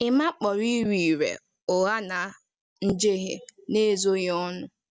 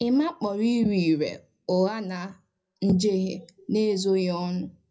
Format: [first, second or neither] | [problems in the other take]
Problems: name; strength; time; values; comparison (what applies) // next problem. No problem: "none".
first | room echo; dies away in 0.3 s